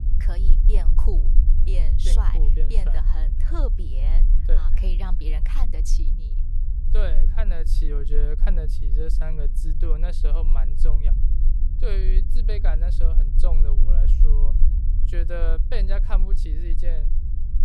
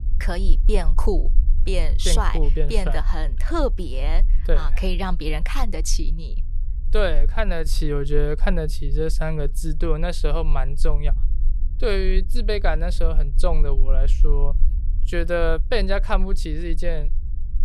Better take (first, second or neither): second